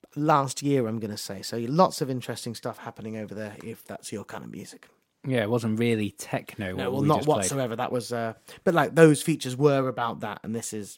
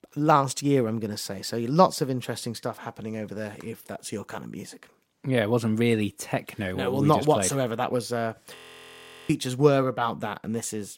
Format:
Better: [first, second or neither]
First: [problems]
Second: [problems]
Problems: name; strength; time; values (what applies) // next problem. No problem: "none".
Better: first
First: none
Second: audio freezing; at 8.5 s for 0.5 s